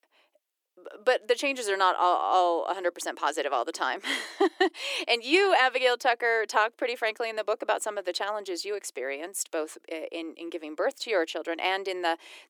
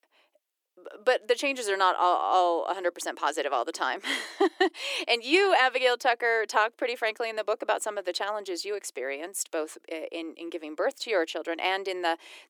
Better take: neither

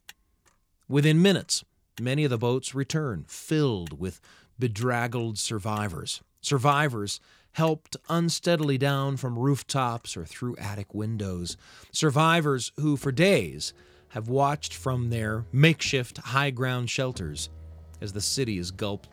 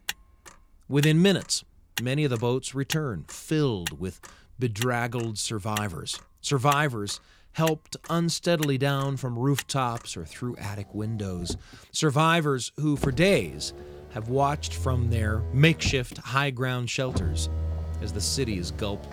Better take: first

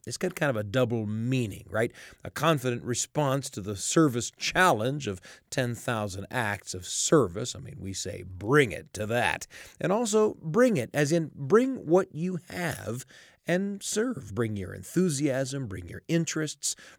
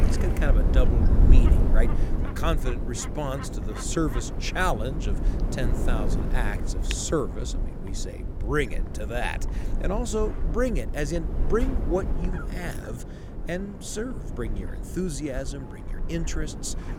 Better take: first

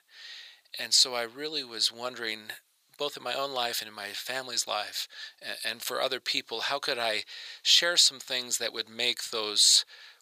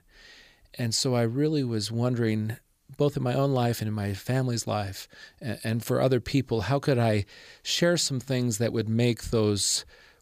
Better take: second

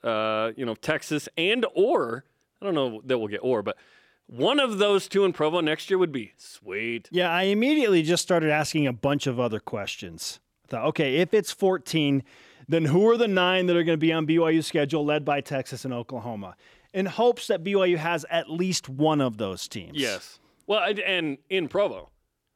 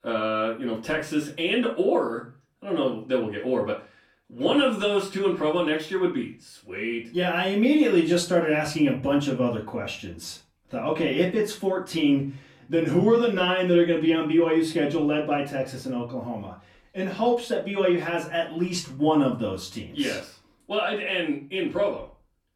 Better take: first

